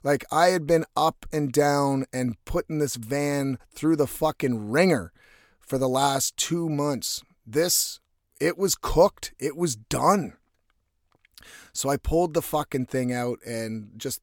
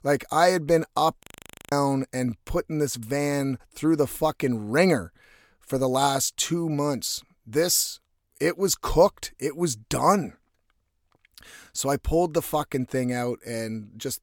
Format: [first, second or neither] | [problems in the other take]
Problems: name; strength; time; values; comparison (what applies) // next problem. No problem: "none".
first | audio freezing; at 1 s